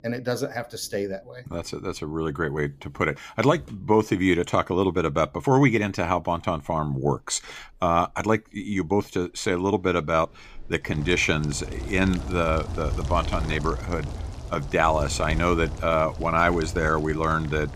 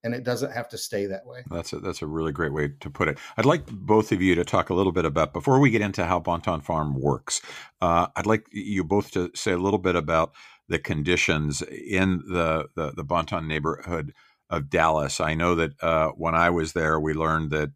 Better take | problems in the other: second | rain or running water; loud; throughout; 9 dB below the speech

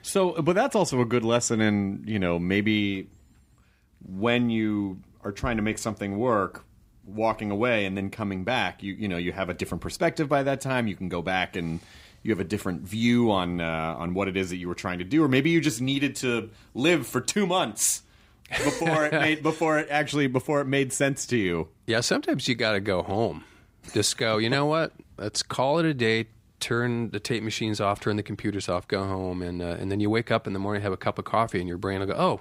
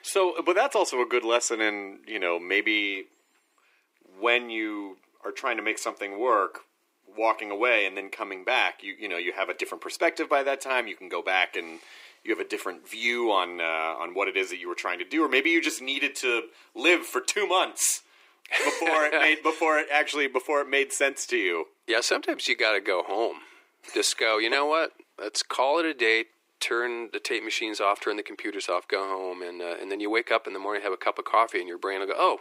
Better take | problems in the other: first | thin; very; fading below 350 Hz

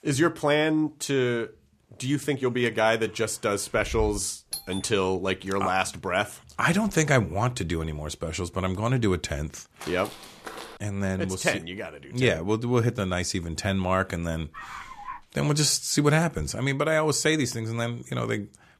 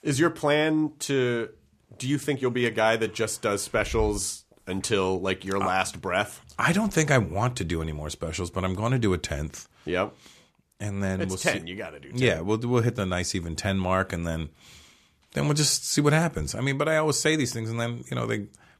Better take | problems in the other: second | doorbell; noticeable; at 4.5 s; peak 9 dB below the speech // footsteps; faint; at 10 s; peak 15 dB below the speech // dog barking; faint; at 15 s; peak 15 dB below the speech

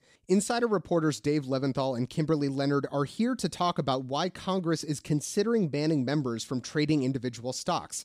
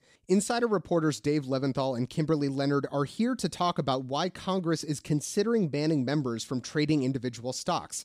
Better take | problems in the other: neither | none

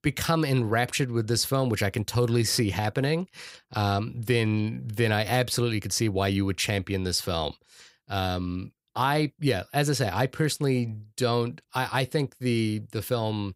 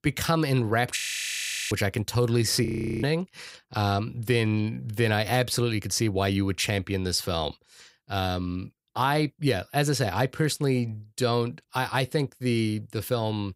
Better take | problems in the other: first | audio freezing; at 1 s for 0.5 s and at 2.5 s

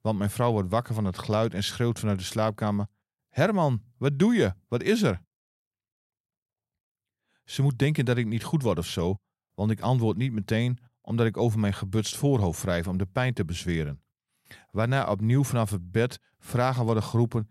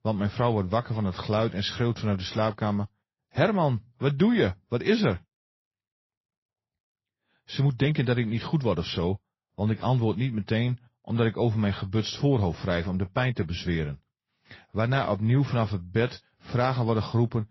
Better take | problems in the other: first | garbled, watery; slightly; nothing above 5.5 kHz

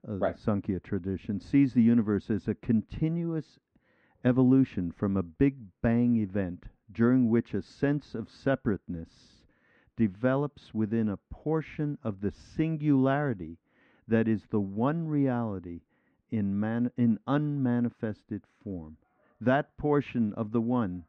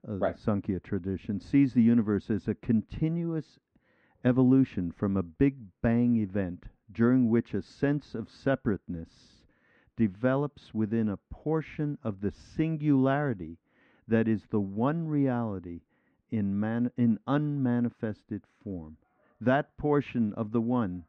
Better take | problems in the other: neither | muffled; very; fading above 1.5 kHz; the same in both

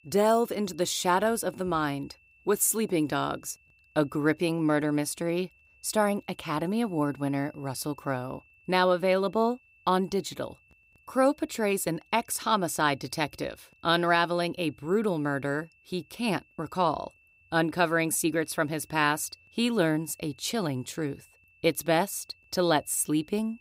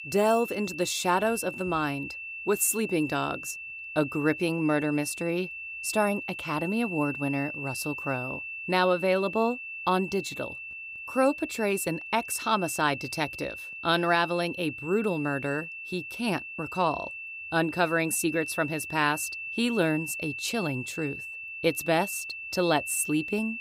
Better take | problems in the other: first | high-pitched whine; loud; throughout; 2.5 kHz, 8 dB below the speech; faint in the first

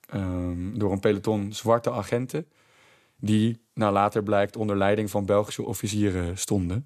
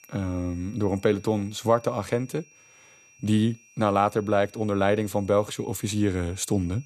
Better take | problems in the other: first | high-pitched whine; faint; throughout; 6 kHz, 25 dB below the speech

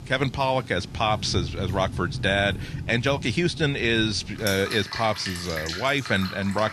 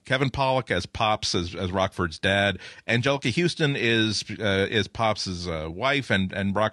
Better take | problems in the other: second | rain or running water; loud; throughout; 9 dB below the speech

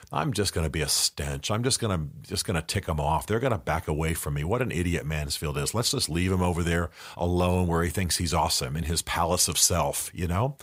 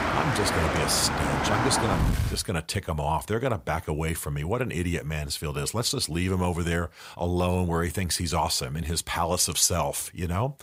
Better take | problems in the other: first | traffic noise; very loud; until 2.5 s; as loud as the speech

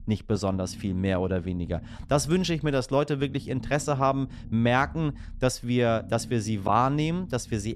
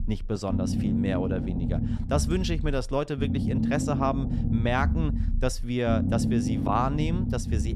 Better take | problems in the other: first | low rumble; loud; throughout; 6 dB below the speech; faint in the first

